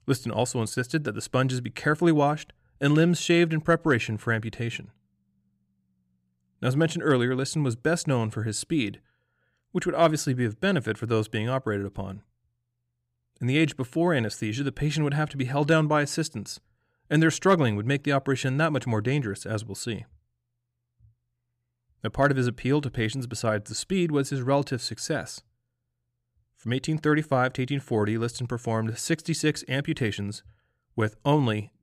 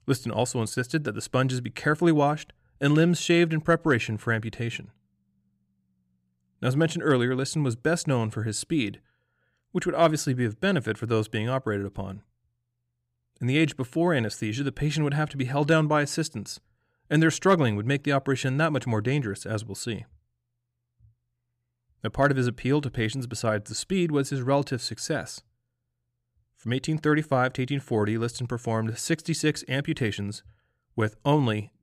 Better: neither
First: none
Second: none

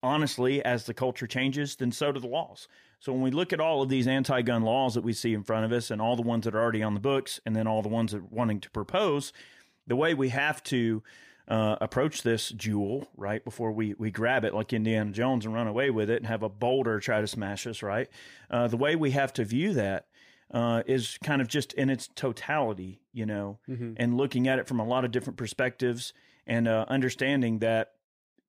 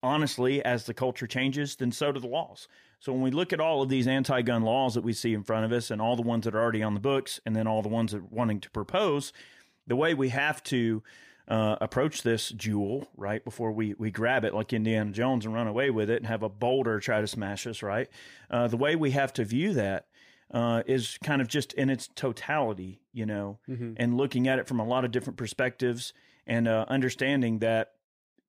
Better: neither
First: none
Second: none

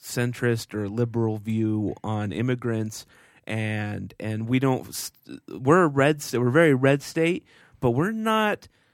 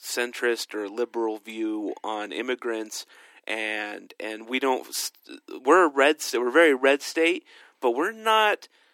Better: first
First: none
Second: thin; somewhat; fading below 300 Hz

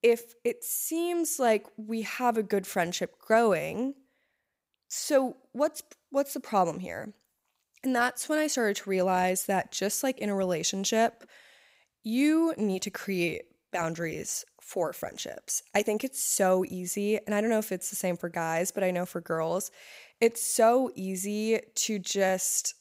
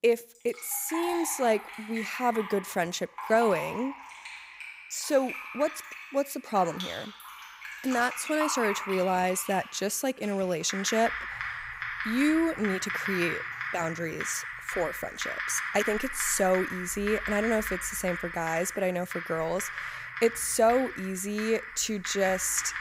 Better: first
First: none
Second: household noises; loud; throughout; 7 dB below the speech

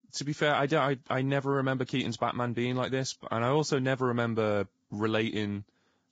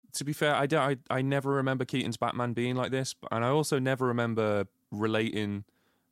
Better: second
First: garbled, watery; badly; nothing above 7.5 kHz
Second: none

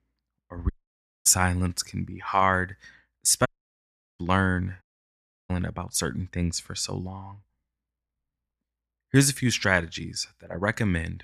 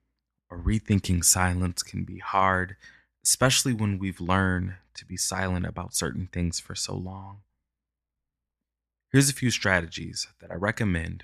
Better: second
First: audio cutting out; at 0.5 s for 0.5 s, at 3.5 s for 0.5 s and at 5 s for 0.5 s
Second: none

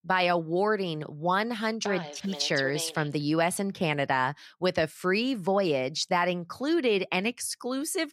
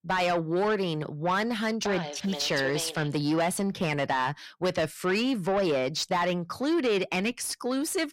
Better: first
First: none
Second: distortion; slight; 10 dB below the speech

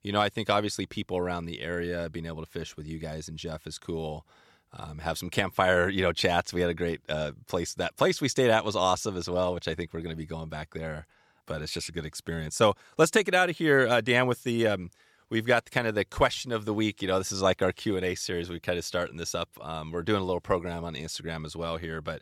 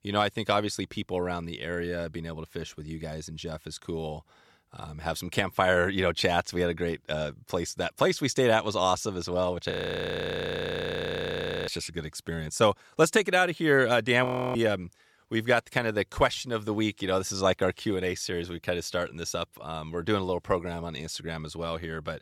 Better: first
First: none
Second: audio freezing; at 9.5 s for 2 s and at 14 s

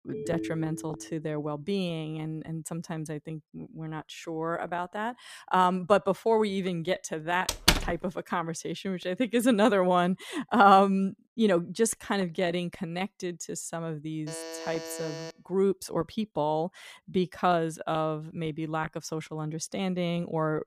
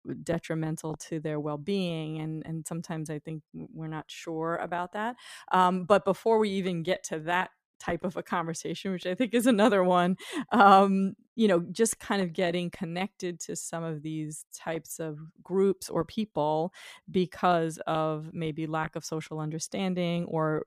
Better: second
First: phone ringing; noticeable; until 1 s; peak 6 dB below the speech // door banging; loud; at 7.5 s; peak 5 dB above the speech // alarm; noticeable; from 14 to 15 s; peak 10 dB below the speech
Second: none

